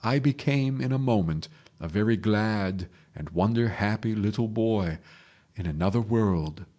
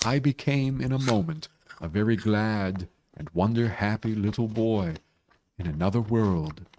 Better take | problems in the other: first | noise reduction (neural mask model RNNoise)

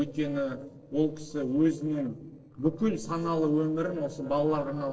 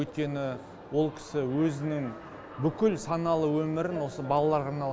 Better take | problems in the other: second | noise reduction (neural separator model SepFormer DNS4)

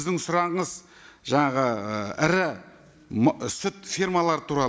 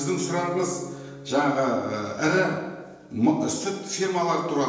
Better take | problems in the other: first | background sound (Acoustic guitar); 16 dB below the speech // room echo; dies away in 1 s

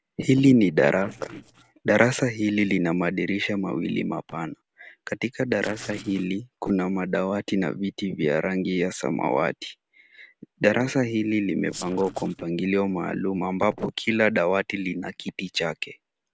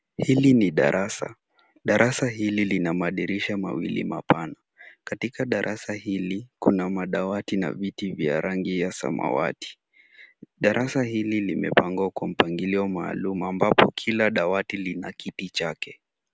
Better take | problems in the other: second | noise reduction (neural separator model SepFormer DNS4)

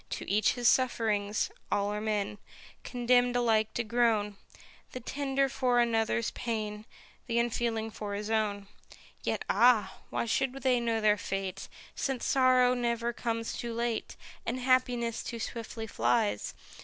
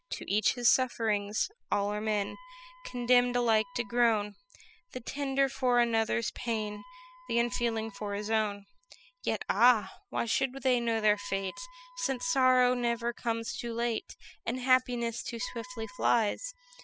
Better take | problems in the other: first | noise reduction (classical method spectral subtraction)

